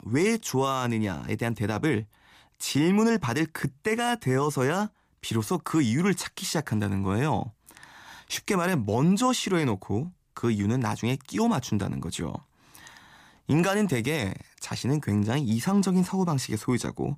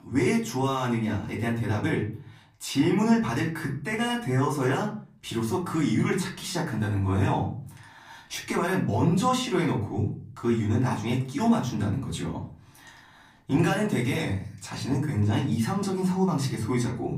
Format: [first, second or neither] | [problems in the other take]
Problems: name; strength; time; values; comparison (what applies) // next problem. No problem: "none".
first | room echo; slight; dies away in 0.4 s // off-mic speech; far